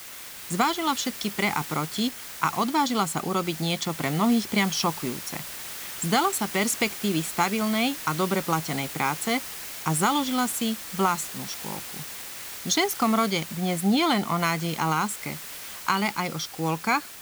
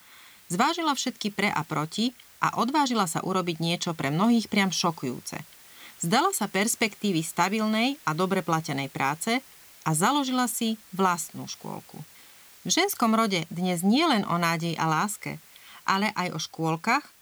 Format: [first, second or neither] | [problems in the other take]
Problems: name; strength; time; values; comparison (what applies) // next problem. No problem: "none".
second | hiss; loud; throughout; 9 dB below the speech; faint in the second